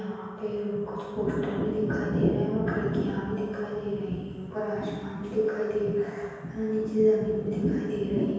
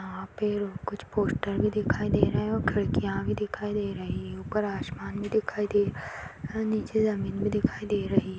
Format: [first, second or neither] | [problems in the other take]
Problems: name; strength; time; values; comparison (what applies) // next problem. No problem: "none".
second | room echo; dies away in 1.2 s